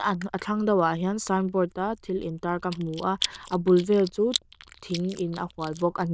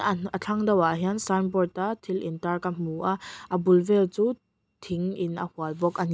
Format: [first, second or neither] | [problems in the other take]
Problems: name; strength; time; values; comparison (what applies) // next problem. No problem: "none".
second | noise reduction (neural diffusion model UNIVERSE++)